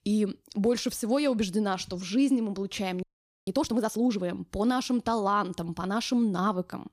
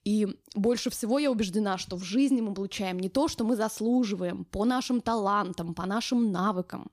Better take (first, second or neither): second